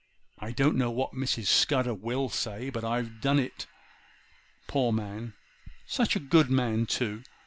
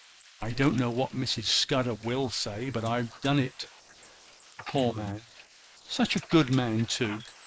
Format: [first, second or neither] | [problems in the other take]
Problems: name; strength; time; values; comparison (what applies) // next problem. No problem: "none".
first | noise reduction (neural mask model Resemble Enhance denoiser)